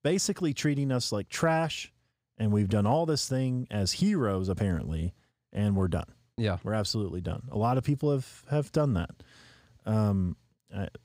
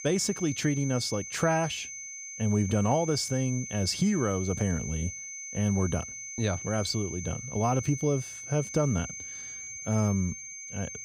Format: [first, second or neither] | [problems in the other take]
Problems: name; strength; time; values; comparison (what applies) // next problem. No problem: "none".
first | high-pitched whine; loud; throughout; 6 kHz, 8 dB below the speech